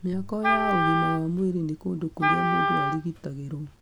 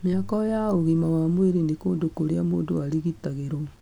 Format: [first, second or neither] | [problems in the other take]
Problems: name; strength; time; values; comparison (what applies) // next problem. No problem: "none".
second | background sound (Wind instrument, woodwind instrument); 1 dB above the speech